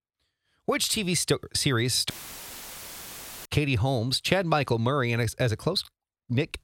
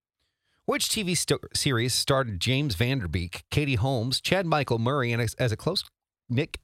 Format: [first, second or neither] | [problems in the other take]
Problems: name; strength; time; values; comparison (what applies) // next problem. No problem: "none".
second | audio cutting out; filled with static; at 2 s for 1.5 s